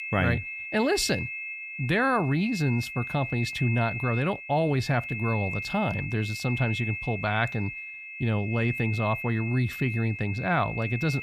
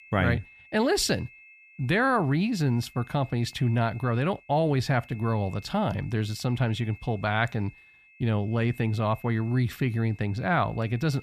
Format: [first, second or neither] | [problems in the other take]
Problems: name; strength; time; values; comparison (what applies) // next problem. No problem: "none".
second | high-pitched whine; loud; throughout; 2.5 kHz, 7 dB below the speech; faint in the second